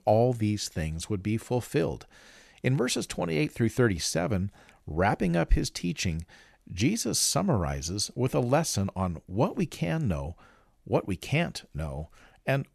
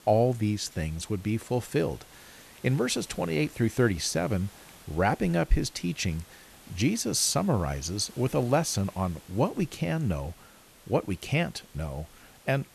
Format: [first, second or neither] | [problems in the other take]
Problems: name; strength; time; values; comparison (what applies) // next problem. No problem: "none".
first | hiss; faint; throughout; 20 dB below the speech